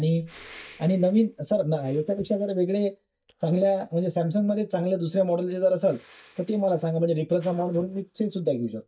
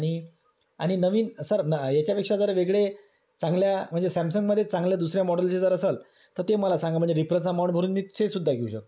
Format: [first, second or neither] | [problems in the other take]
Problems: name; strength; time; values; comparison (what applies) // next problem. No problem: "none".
second | noise reduction (neural mask model DeepFilterNet 3)